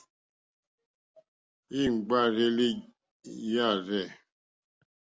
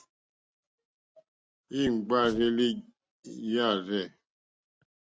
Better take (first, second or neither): first